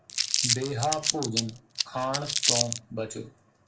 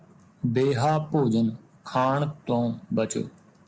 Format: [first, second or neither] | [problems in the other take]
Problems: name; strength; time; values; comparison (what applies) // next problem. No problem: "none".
second | background sound (Crumpling, crinkling); 4 dB above the speech // room echo; dies away in 0.2 s